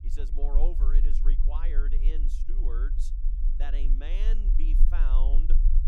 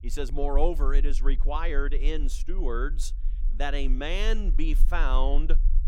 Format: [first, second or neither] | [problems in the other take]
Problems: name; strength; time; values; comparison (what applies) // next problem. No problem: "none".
second | low rumble; loud; throughout; 8 dB below the speech; faint in the second